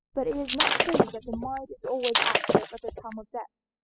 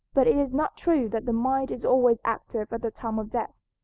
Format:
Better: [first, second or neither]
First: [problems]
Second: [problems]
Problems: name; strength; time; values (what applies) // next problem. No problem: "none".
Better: second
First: noise reduction (classical method spectral subtraction)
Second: none